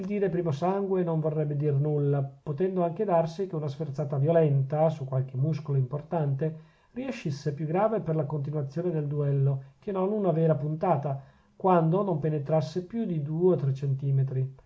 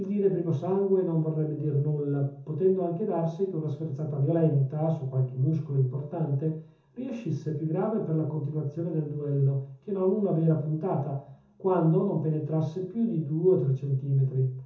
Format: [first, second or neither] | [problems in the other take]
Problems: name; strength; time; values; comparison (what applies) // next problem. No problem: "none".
first | room echo; dies away in 0.6 s